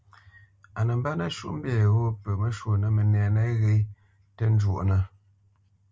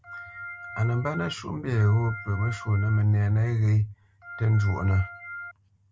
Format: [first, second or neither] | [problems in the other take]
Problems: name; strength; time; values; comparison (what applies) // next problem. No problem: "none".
first | background sound (Organ); 14 dB below the speech